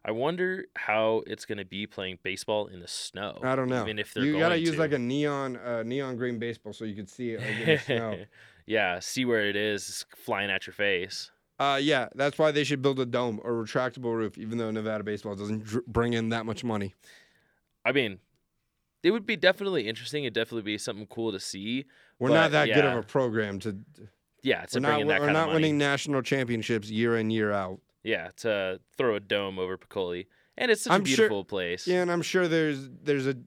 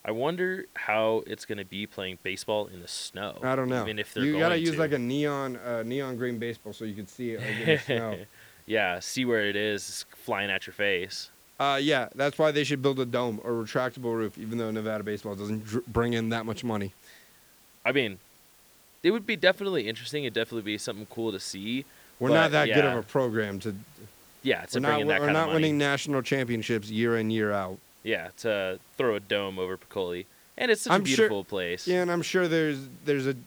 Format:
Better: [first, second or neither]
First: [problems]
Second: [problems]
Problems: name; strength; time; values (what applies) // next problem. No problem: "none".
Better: first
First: none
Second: hiss; faint; throughout; 25 dB below the speech